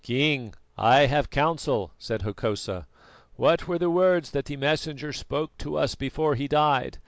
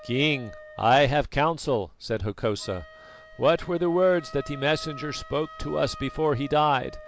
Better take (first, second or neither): first